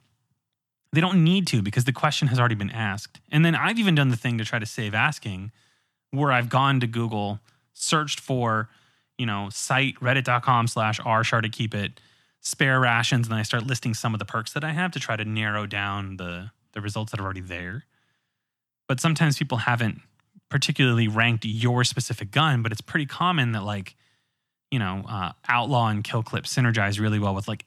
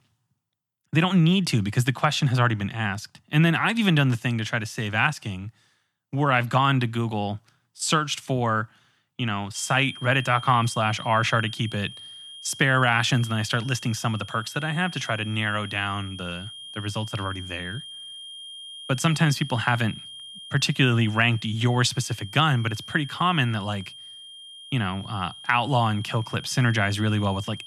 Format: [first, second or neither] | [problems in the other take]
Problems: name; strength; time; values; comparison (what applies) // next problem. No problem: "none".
first | high-pitched whine; noticeable; from 9.5 s on; 3 kHz, 15 dB below the speech